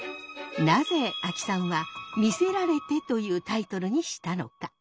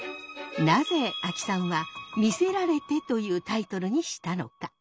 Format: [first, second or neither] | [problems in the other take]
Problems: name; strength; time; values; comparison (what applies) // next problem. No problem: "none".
second | background sound (Wind instrument, woodwind instrument); 18 dB below the speech